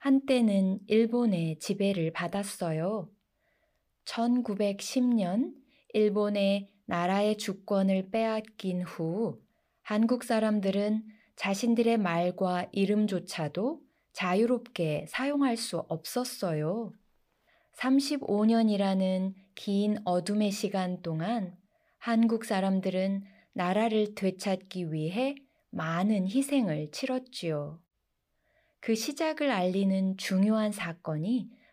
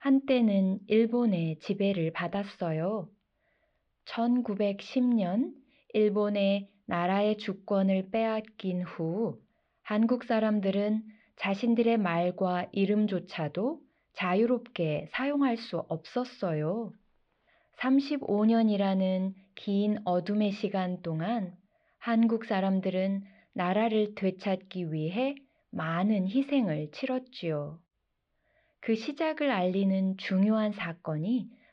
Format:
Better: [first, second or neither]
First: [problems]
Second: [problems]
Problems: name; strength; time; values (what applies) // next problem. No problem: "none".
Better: first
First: none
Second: muffled; slightly; fading above 4 kHz